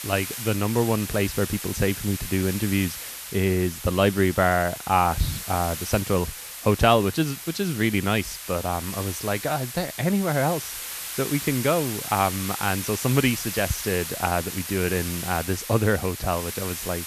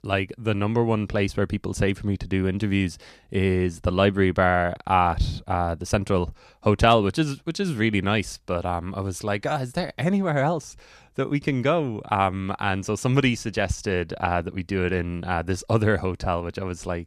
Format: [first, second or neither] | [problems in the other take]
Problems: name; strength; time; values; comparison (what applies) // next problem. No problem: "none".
second | hiss; loud; throughout; 7 dB below the speech